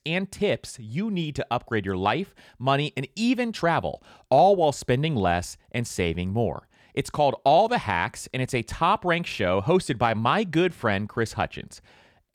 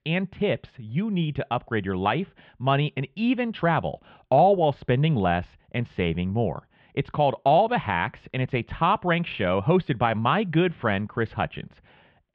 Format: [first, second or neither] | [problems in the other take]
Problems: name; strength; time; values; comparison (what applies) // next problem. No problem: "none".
first | muffled; very; fading above 3 kHz